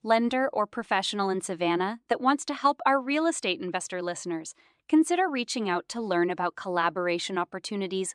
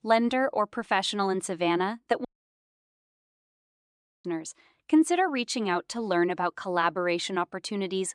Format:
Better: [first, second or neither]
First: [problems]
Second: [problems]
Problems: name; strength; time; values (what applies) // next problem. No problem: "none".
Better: first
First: none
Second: audio cutting out; at 2.5 s for 2 s